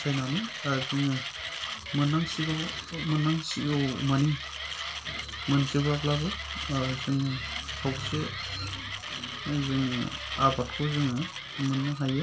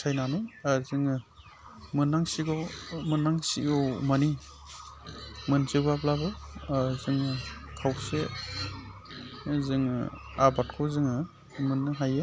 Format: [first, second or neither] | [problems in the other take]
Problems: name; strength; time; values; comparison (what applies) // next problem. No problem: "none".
second | background sound (Mechanisms); 7 dB below the speech // room echo; dies away in 0.3 s